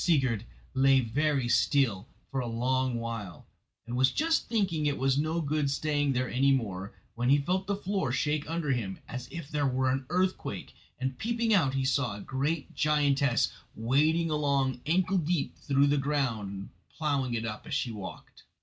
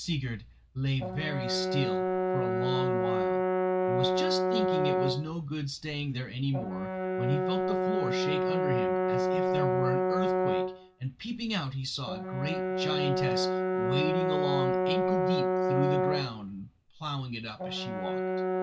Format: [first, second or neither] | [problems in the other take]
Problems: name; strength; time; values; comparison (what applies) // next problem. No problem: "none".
first | background sound (Brass instrument); 5 dB above the speech